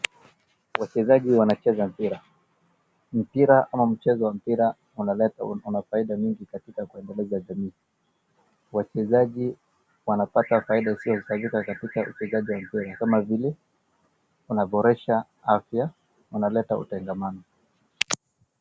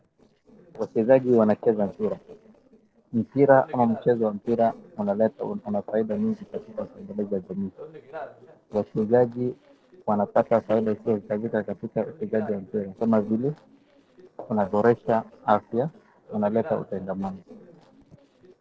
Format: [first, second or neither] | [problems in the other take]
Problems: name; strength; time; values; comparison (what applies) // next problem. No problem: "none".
first | noise reduction (neural separator model SepFormer DNS4)